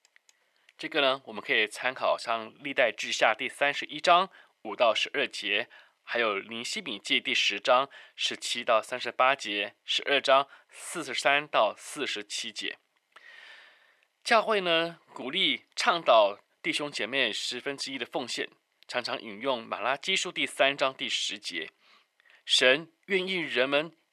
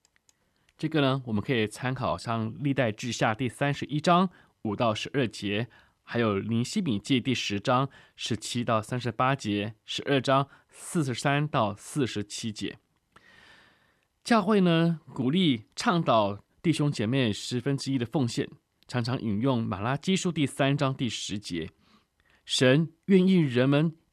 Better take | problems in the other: second | thin; very; fading below 550 Hz

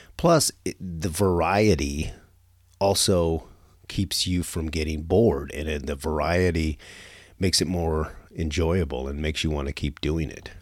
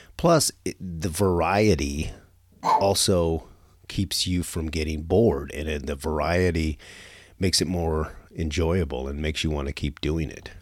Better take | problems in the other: first | dog barking; loud; at 2.5 s; peak 1 dB above the speech

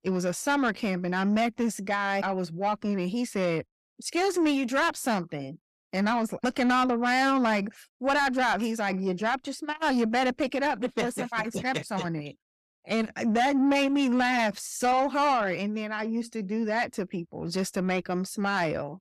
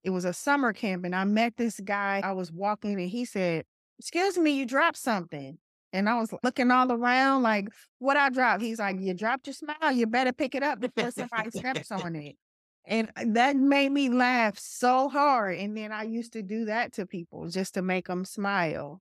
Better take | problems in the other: second | distortion; slight; 10 dB below the speech

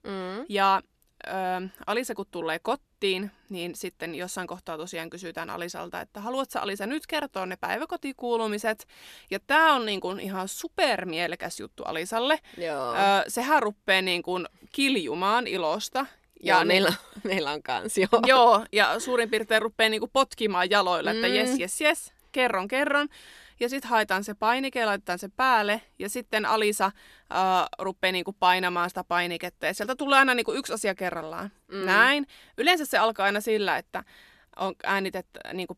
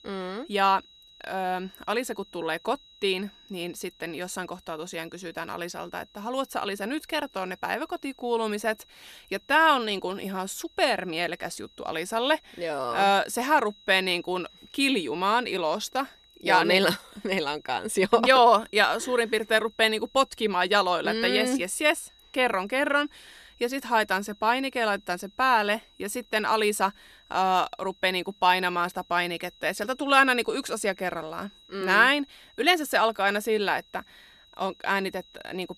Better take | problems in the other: first | high-pitched whine; faint; throughout; 4 kHz, 30 dB below the speech

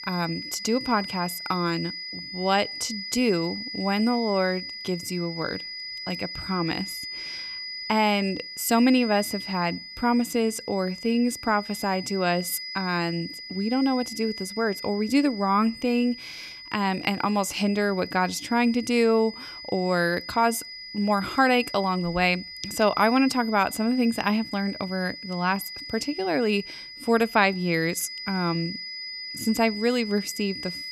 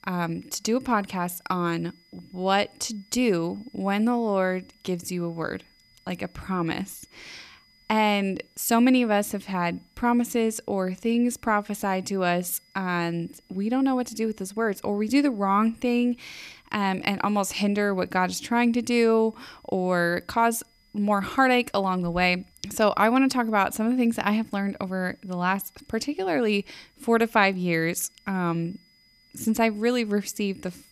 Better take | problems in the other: second | high-pitched whine; loud; throughout; 5 kHz, 10 dB below the speech; faint in the second

